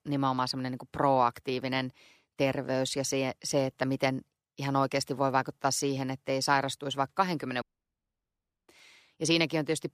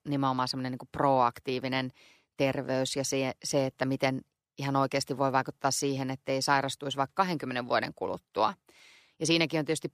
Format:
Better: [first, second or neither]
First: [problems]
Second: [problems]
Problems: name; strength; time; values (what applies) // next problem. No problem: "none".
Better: second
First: audio cutting out; at 7.5 s for 1 s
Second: none